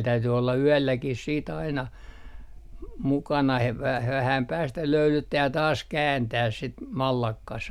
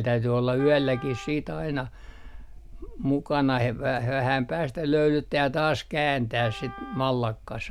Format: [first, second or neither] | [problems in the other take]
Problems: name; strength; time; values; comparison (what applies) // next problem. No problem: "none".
first | background sound (Wind instrument, woodwind instrument); 18 dB below the speech